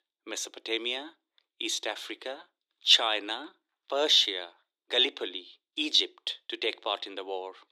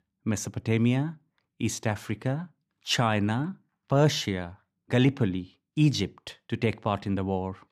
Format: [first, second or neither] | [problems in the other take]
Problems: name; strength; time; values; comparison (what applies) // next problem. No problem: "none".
second | thin; very; fading below 350 Hz